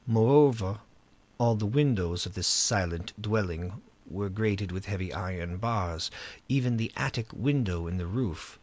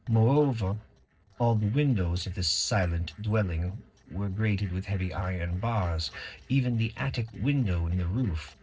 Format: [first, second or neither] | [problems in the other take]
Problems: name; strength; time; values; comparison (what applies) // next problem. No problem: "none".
first | noise reduction (neural separator model SepFormer DNS4)